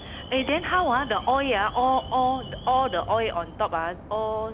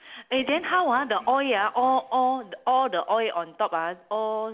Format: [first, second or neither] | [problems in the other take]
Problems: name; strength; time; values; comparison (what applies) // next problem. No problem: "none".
second | background sound (Alarm); 14 dB below the speech